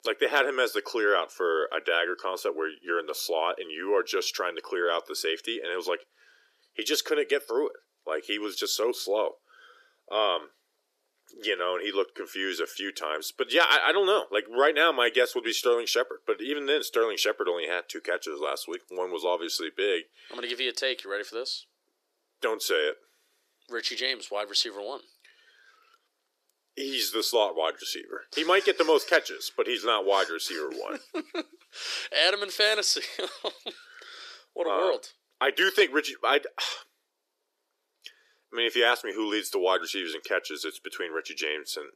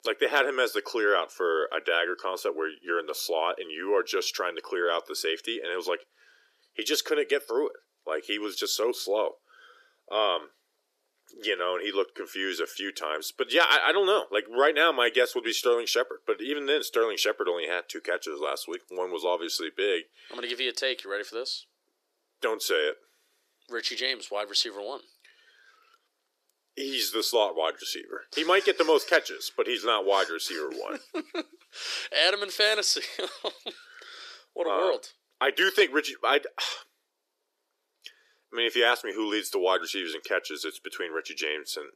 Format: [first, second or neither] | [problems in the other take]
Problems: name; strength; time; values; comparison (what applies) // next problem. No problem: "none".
neither | thin; very; fading below 350 Hz; the same in both